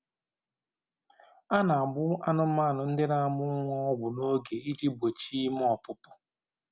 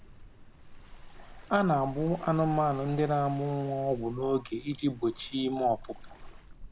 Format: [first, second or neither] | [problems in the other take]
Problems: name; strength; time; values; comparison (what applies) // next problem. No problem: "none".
first | background sound (Waves, surf); 16 dB below the speech